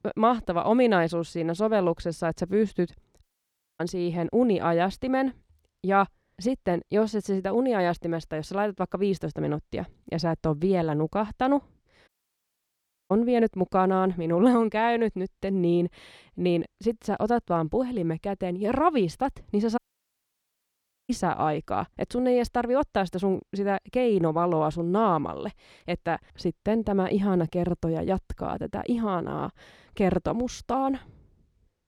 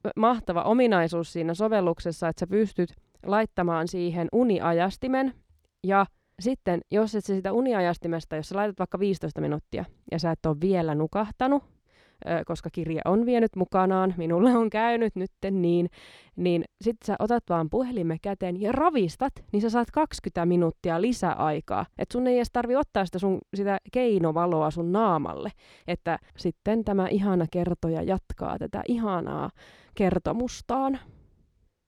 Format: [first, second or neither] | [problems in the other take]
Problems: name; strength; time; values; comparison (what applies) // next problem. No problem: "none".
second | audio cutting out; at 3 s for 0.5 s, at 12 s for 1 s and at 20 s for 1.5 s